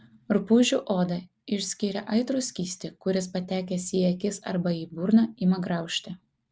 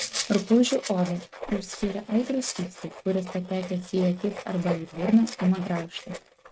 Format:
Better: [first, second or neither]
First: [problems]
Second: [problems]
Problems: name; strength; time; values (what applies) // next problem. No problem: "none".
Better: first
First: none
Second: noise reduction (neural mask model RNNoise)